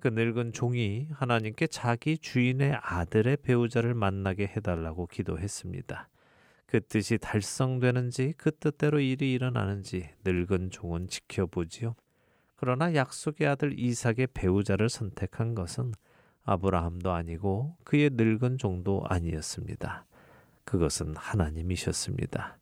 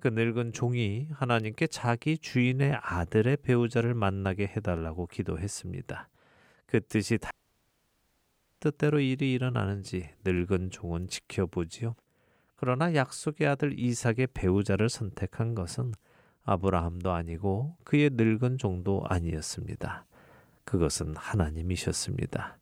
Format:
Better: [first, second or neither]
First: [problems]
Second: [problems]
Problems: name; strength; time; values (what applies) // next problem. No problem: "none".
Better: first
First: none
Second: audio cutting out; at 7.5 s for 1.5 s